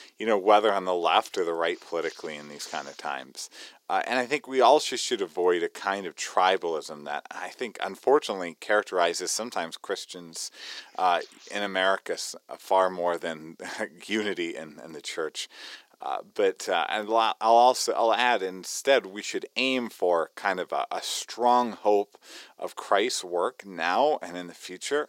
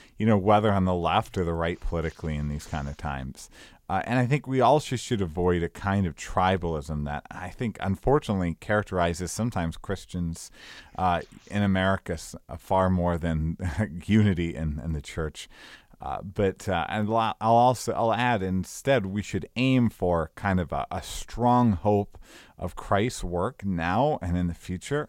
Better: second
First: thin; very; fading below 350 Hz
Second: none

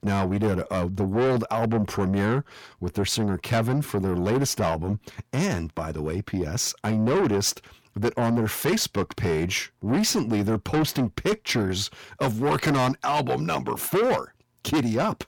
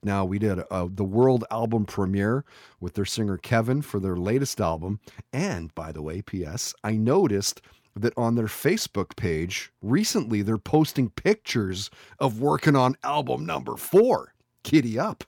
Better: second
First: distortion; heavy; 6 dB below the speech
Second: none

